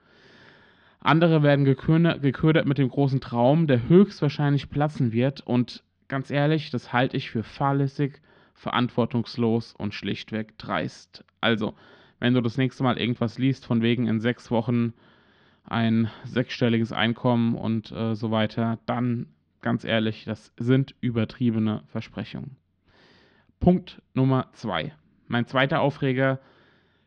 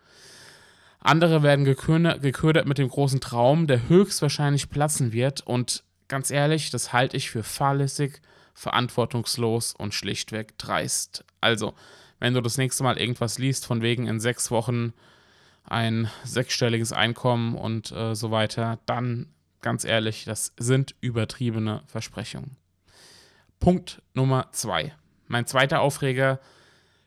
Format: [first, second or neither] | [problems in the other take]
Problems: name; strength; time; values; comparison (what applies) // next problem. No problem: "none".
second | muffled; slightly; fading above 3.5 kHz